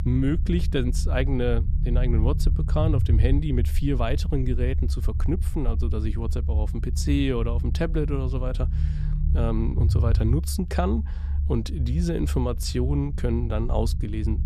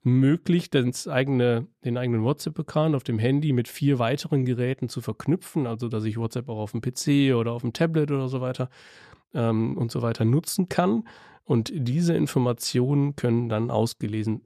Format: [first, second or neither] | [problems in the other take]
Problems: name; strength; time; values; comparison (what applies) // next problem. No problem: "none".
second | low rumble; noticeable; throughout; 10 dB below the speech